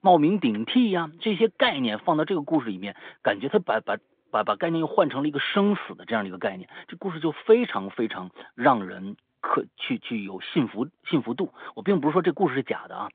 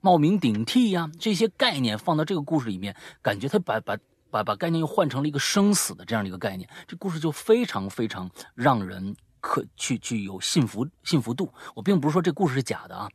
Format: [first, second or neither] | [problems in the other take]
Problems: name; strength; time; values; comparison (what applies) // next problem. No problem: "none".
second | phone-call audio